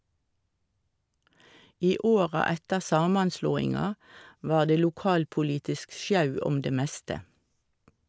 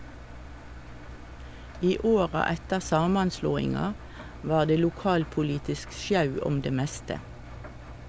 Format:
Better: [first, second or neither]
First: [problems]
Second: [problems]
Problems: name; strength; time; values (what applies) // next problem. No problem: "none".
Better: first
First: none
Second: background sound (Engine); 14 dB below the speech